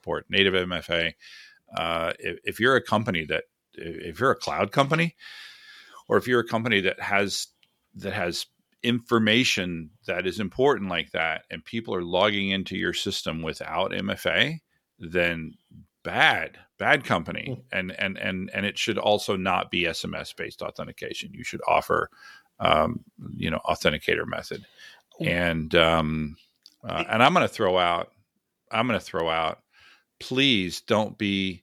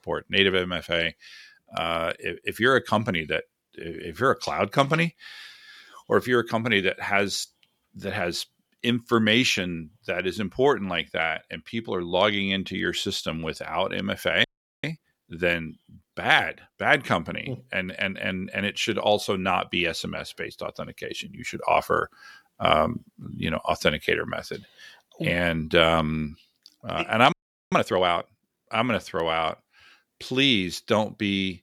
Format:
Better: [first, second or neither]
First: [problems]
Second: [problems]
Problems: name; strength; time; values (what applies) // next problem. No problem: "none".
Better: first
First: none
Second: audio freezing; at 14 s and at 27 s